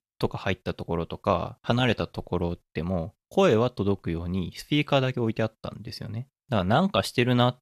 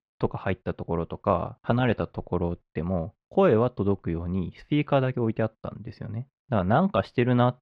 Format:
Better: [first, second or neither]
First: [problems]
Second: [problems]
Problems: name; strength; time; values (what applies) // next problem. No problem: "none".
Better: first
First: none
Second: muffled; very; fading above 2 kHz